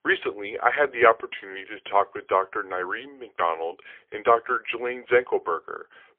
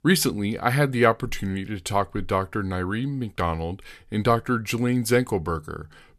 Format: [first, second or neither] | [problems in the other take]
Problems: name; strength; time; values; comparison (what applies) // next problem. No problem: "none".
second | phone-call audio; poor line; nothing above 3 kHz